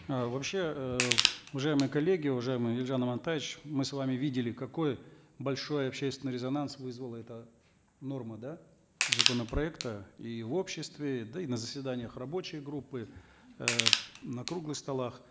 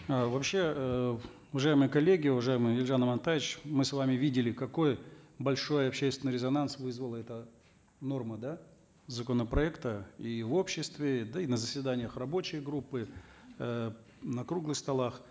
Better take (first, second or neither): second